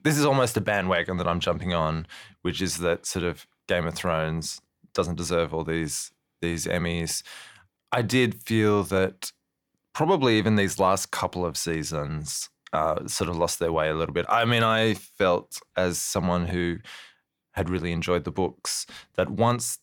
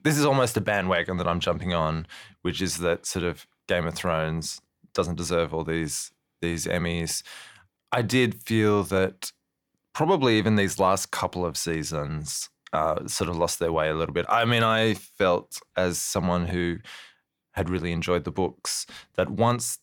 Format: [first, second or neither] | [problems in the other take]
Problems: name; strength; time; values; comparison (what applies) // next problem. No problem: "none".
neither | none